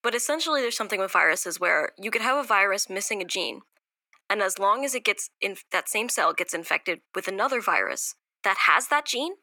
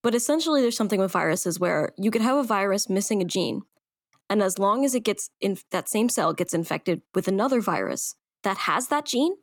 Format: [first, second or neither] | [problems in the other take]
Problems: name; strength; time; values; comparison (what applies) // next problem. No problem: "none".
second | thin; very; fading below 550 Hz